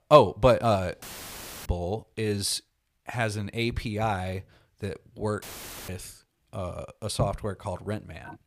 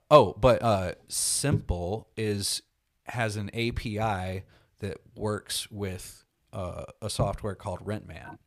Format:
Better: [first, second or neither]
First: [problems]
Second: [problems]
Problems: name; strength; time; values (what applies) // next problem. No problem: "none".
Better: second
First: audio cutting out; filled with static; at 1 s for 0.5 s and at 5.5 s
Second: none